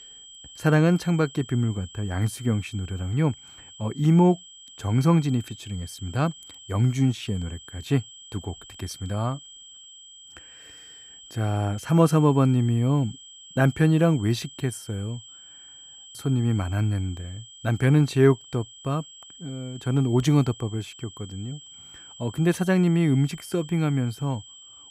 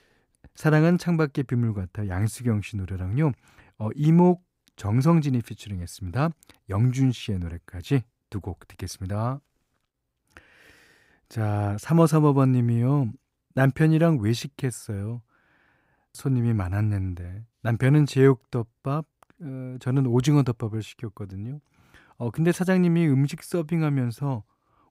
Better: second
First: high-pitched whine; noticeable; throughout; 3 kHz, 20 dB below the speech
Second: none

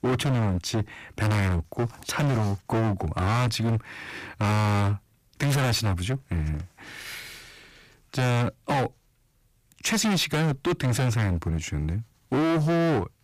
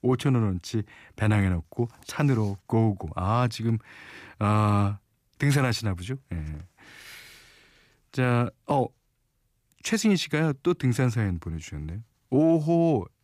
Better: second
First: distortion; heavy; 24% of the sound clipped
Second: none

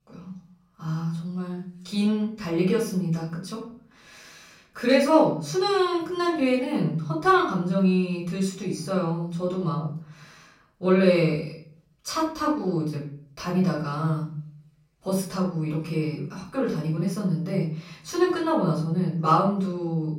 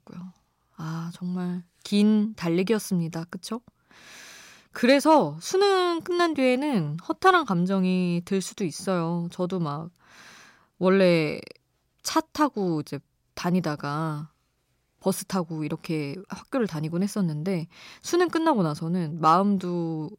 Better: second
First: off-mic speech; far // room echo; noticeable; dies away in 0.5 s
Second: none

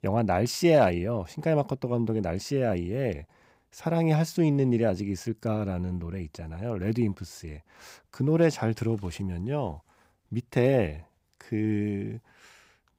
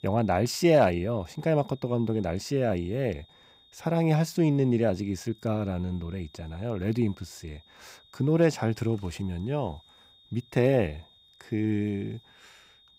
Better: first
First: none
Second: high-pitched whine; faint; throughout; 3.5 kHz, 30 dB below the speech

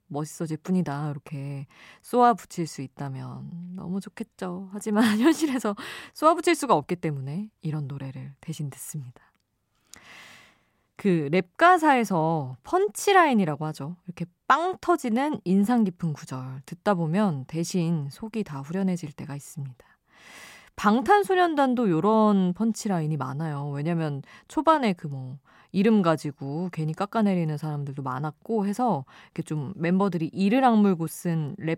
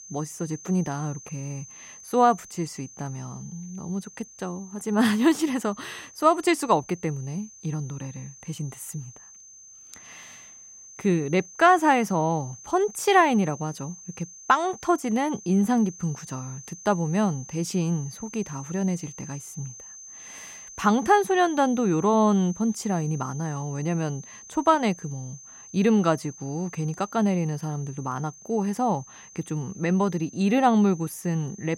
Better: first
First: none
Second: high-pitched whine; noticeable; throughout; 6.5 kHz, 20 dB below the speech

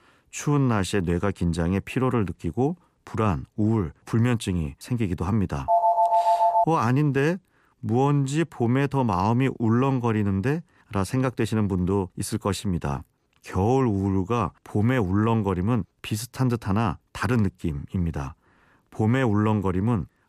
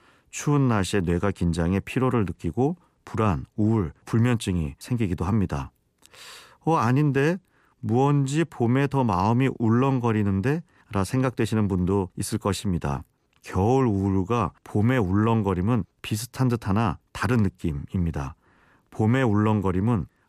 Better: second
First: phone ringing; loud; at 5.5 s; peak 5 dB above the speech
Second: none

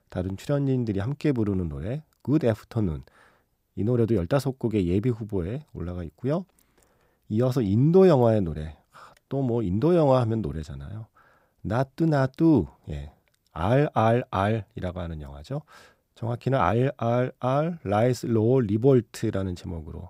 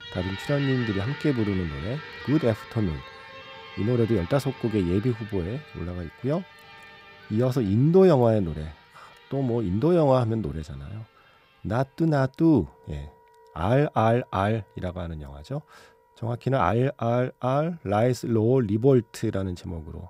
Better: first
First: none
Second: background music; noticeable; throughout; 15 dB below the speech

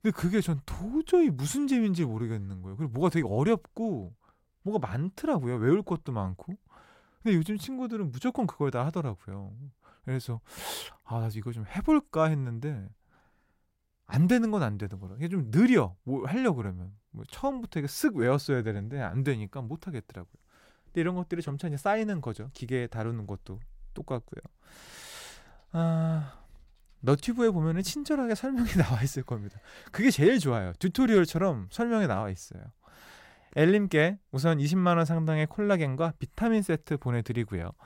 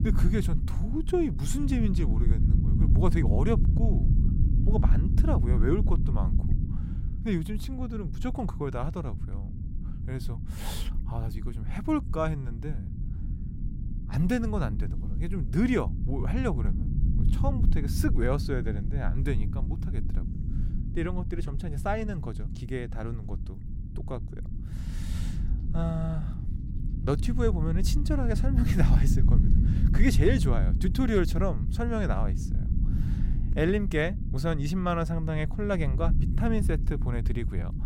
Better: first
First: none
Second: low rumble; loud; throughout; 9 dB below the speech

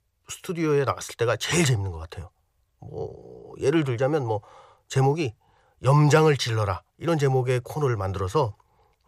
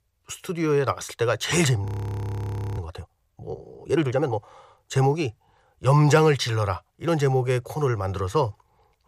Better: first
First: none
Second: audio freezing; at 2 s for 1 s

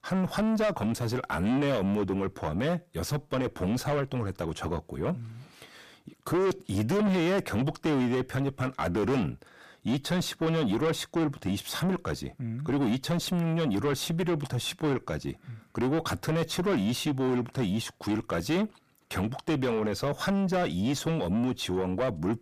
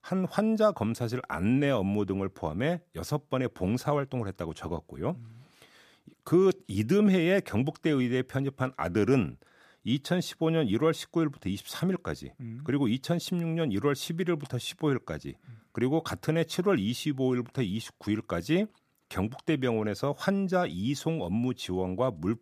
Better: second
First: distortion; heavy; 6 dB below the speech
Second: none

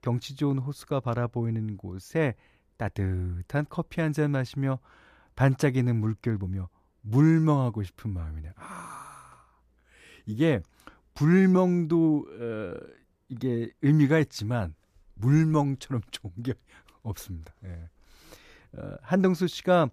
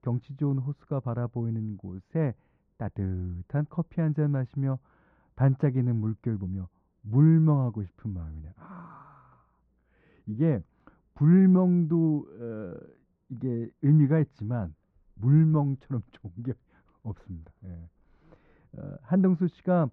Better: first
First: none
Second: muffled; very; fading above 1.5 kHz

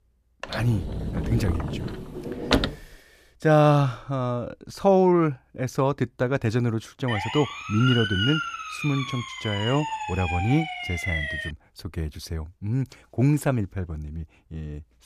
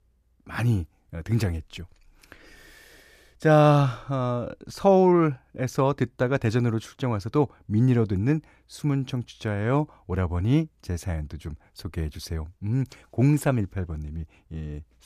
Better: second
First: door banging; loud; until 2.5 s; peak 1 dB above the speech // siren; noticeable; from 7 to 12 s; peak level with the speech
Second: none

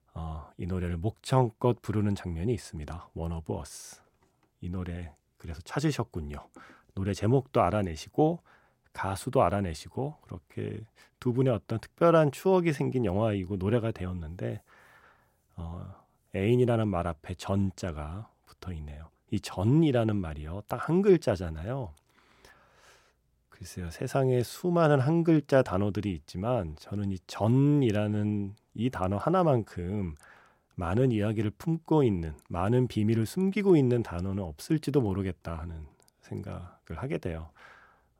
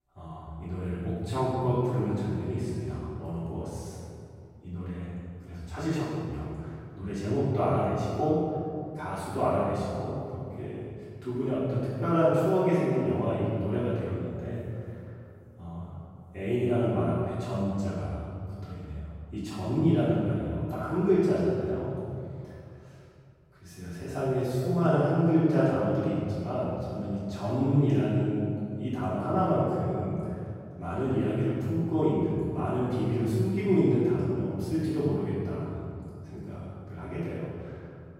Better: first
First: none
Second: off-mic speech; far // room echo; strong; dies away in 2.4 s

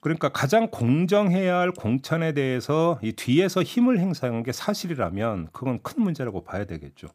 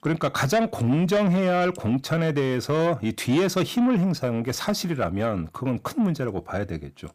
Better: first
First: none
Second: distortion; slight; 10 dB below the speech

